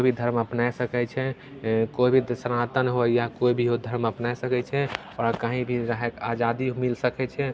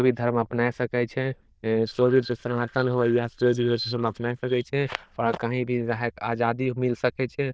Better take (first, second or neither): first